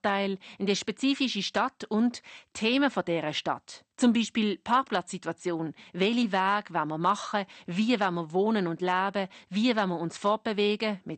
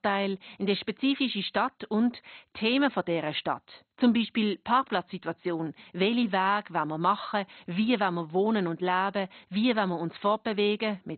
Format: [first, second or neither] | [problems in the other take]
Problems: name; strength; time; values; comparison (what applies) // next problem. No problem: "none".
first | garbled, watery; badly; nothing above 4 kHz; slightly in the first